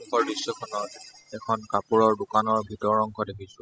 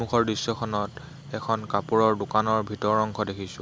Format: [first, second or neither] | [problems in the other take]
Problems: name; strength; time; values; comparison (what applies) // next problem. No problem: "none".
second | noise reduction (classical method spectral subtraction)